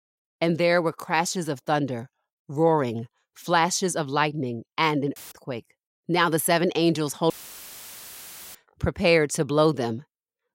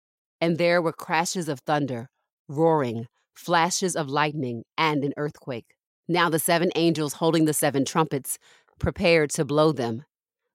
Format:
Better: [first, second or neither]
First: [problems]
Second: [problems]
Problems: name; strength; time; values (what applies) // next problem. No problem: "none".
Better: second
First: audio cutting out; filled with static; at 5 s and at 7.5 s for 1.5 s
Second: none